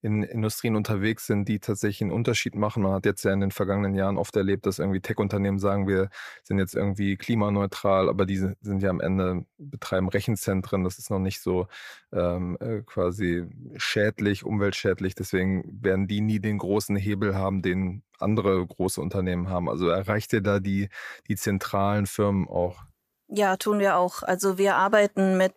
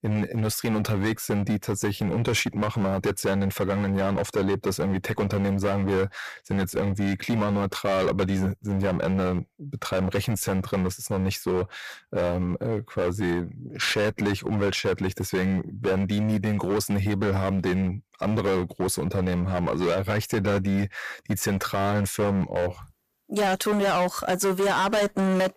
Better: first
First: none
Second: distortion; heavy; 18% of the sound clipped

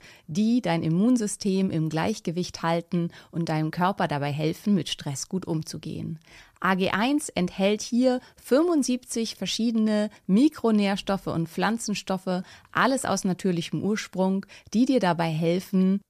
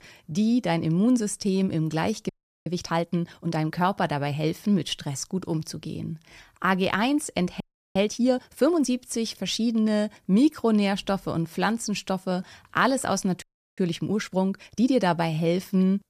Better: first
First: none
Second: audio freezing; at 2.5 s, at 7.5 s and at 13 s

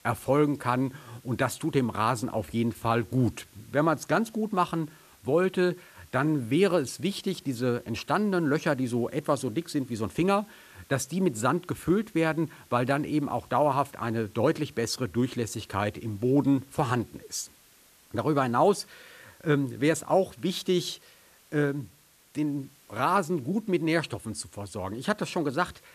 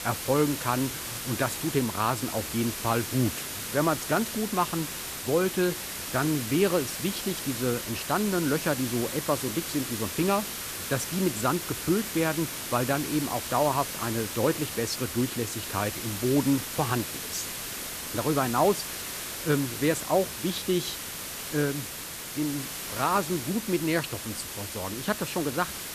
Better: first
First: hiss; faint; throughout; 30 dB below the speech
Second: hiss; loud; throughout; 5 dB below the speech

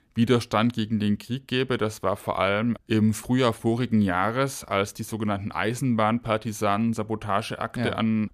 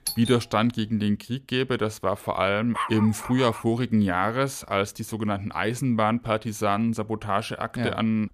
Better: first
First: none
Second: doorbell; noticeable; at the start; peak 5 dB below the speech // dog barking; noticeable; at 2.5 s; peak 5 dB below the speech

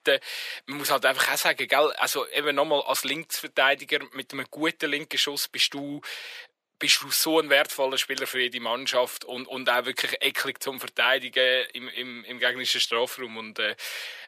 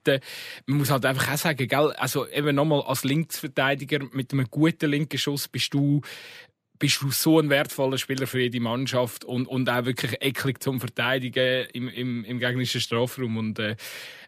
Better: second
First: thin; very; fading below 600 Hz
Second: none

